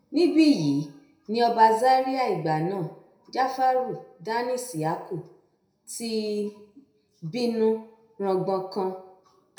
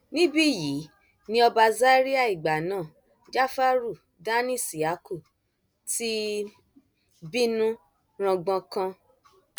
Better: second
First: room echo; dies away in 0.5 s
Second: none

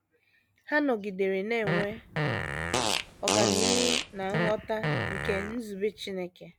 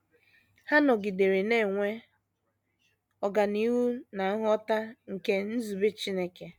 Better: second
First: background sound (Fart + Fart); 2 dB above the speech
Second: none

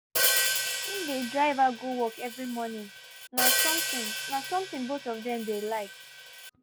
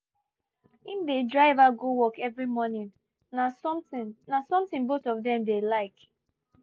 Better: second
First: background sound (Hi-hat); 1 dB above the speech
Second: none

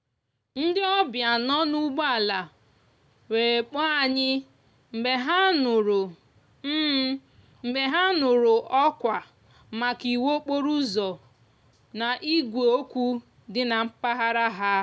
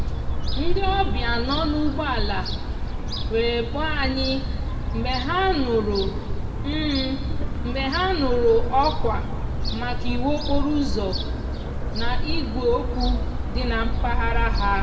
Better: first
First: none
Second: background sound (Gull, seagull / Fowl); 2 dB above the speech // room echo; dies away in 1.4 s

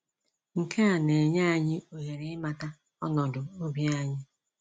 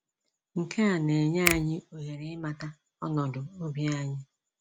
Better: first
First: none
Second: background sound (Finger snapping); 5 dB below the speech

